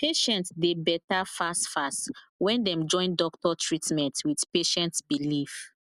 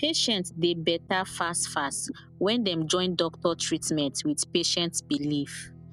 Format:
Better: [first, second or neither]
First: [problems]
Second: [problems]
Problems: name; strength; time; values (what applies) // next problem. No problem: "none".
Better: first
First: none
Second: background sound (Guitar); 20 dB below the speech